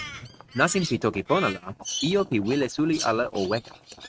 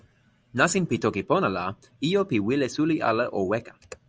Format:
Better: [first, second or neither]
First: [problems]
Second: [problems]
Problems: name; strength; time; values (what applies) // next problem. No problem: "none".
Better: second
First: noise reduction (neural mask model RNNoise)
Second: none